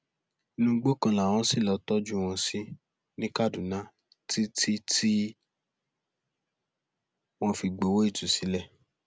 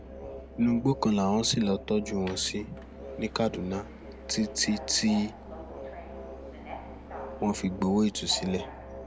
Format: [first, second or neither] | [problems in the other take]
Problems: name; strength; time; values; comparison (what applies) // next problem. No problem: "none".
first | background sound (Subway, metro, underground + Musical instrument); 11 dB below the speech